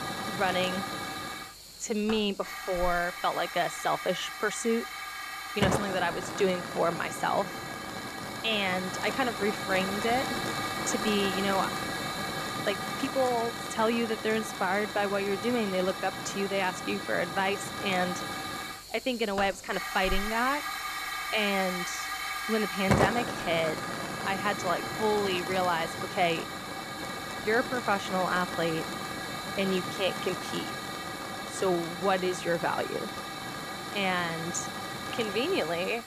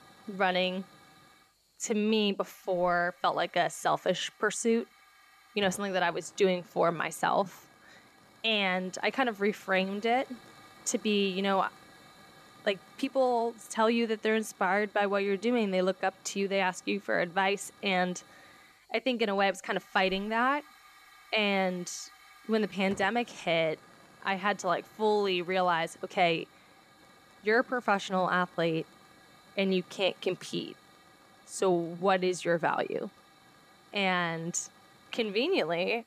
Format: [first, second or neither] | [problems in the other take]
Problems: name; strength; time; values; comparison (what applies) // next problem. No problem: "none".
second | hiss; loud; throughout; 4 dB below the speech; faint in the second